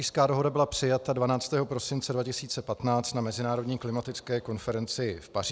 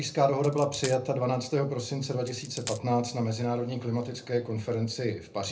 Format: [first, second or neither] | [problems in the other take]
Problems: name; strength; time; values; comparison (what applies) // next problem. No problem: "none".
first | background sound (Coin (dropping)); 13 dB below the speech // room echo; dies away in 0.3 s